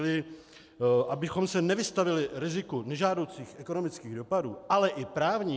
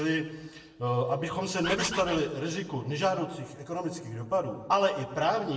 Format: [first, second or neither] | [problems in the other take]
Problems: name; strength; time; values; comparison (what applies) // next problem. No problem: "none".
first | background sound (Bird); 4 dB below the speech // room echo; dies away in 0.7 s